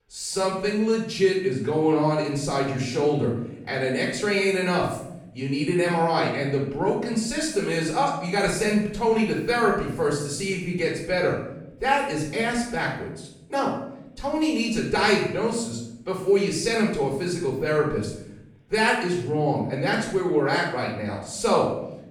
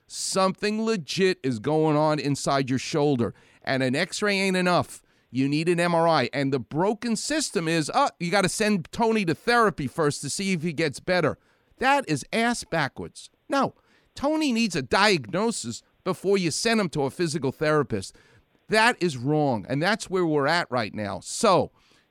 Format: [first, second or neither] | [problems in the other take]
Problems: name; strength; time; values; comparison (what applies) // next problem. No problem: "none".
second | off-mic speech; far // room echo; noticeable; dies away in 0.7 s